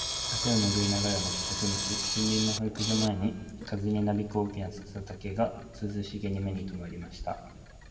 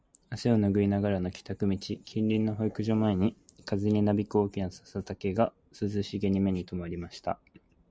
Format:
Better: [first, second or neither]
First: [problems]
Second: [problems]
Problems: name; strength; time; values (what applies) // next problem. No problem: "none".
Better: second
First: background sound (Camera); 4 dB below the speech // room echo; dies away in 1.2 s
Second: none